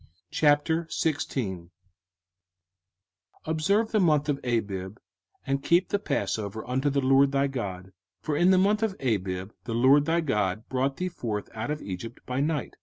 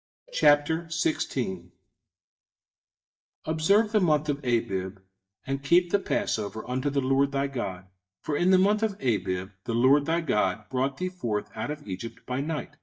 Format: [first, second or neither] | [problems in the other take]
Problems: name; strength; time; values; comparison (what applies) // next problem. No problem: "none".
first | noise reduction (neural mask model DeepFilterNet 3)